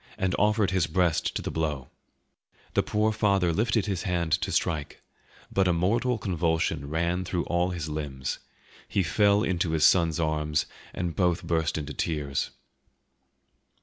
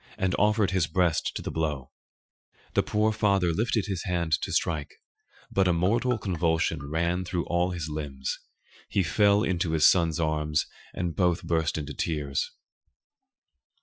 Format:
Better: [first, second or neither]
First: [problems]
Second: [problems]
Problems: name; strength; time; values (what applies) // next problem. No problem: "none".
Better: first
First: none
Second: noise reduction (classical method Wiener filter)